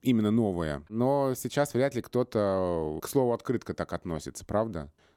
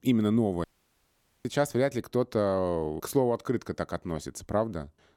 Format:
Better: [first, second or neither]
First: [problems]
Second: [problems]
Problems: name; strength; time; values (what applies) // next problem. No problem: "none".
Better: first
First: none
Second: audio cutting out; at 0.5 s for 1 s